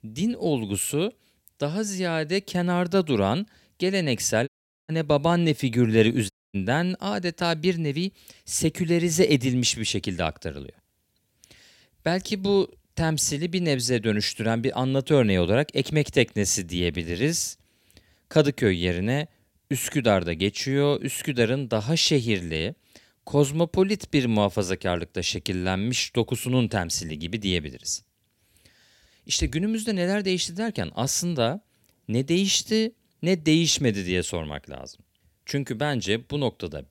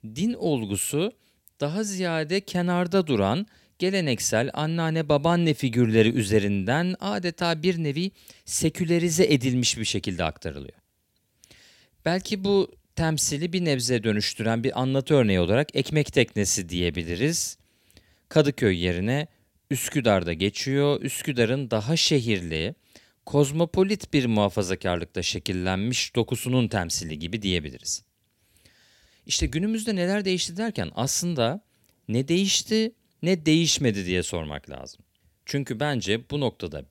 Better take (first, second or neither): second